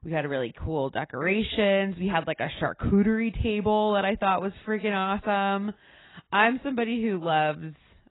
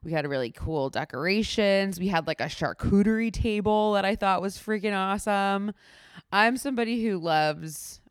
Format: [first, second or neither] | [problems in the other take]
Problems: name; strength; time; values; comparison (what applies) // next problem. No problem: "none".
second | garbled, watery; badly; nothing above 4 kHz